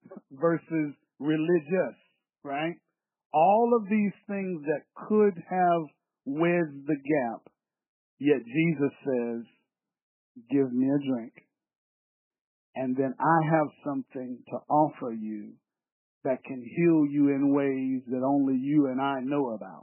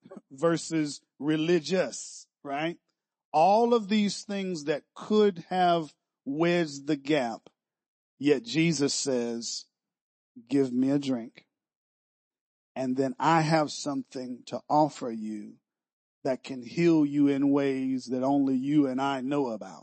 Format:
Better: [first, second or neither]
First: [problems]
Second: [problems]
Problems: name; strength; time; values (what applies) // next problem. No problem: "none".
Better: second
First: garbled, watery; badly; nothing above 3 kHz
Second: garbled, watery; slightly; nothing above 8 kHz